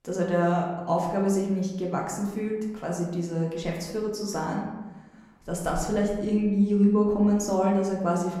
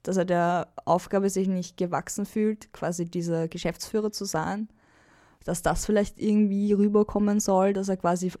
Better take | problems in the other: second | room echo; noticeable; dies away in 1 s // off-mic speech; somewhat distant

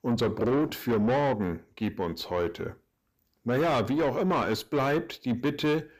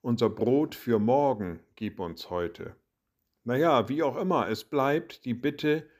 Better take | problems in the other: second | distortion; heavy; 7 dB below the speech

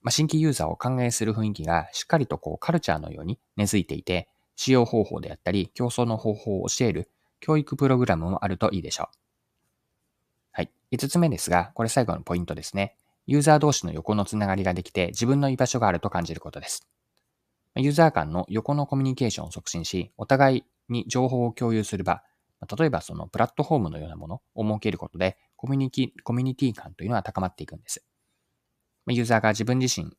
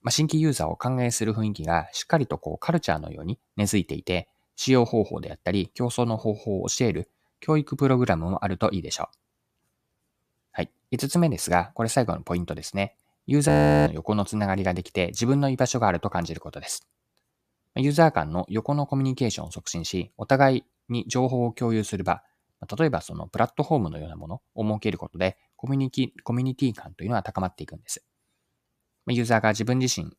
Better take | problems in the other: first | audio freezing; at 13 s

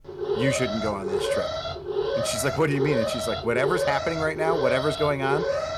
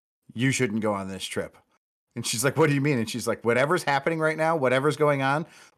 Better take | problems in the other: second | alarm; loud; peak 1 dB above the speech

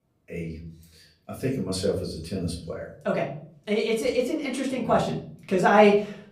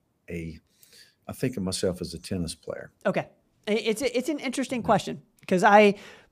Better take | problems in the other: second | room echo; slight; dies away in 0.6 s // off-mic speech; far

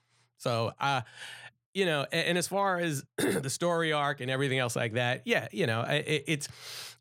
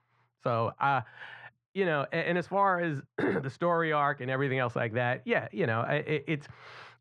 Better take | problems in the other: first | muffled; very; fading above 1.5 kHz

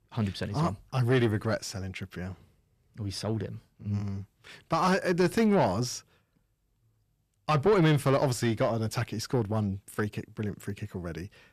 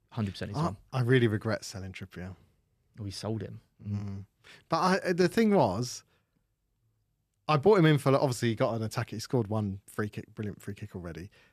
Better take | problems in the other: second | distortion; slight; 10 dB below the speech

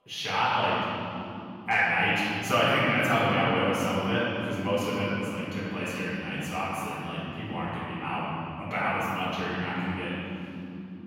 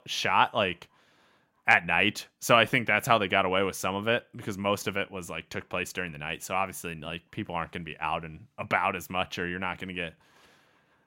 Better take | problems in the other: second | off-mic speech; far // room echo; strong; dies away in 3 s

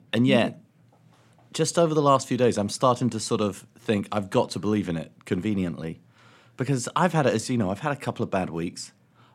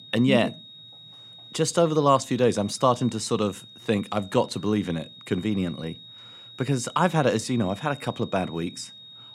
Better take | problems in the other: first | high-pitched whine; noticeable; throughout; 4 kHz, 20 dB below the speech

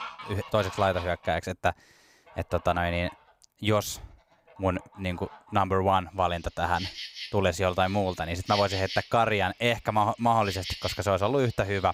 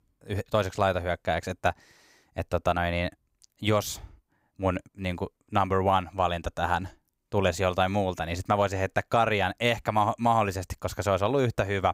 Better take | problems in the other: second | animal sounds; noticeable; throughout; 10 dB below the speech

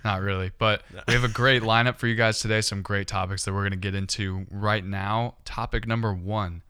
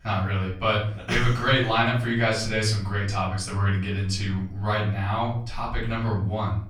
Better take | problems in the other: first | off-mic speech; far // room echo; noticeable; dies away in 0.6 s

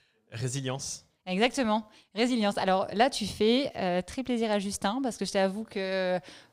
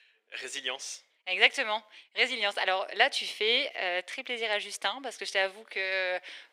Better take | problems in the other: first | thin; very; fading below 350 Hz

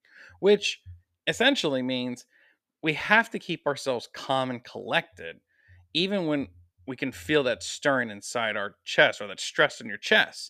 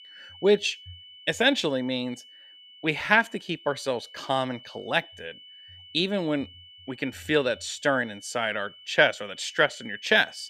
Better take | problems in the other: first | high-pitched whine; faint; throughout; 3 kHz, 20 dB below the speech

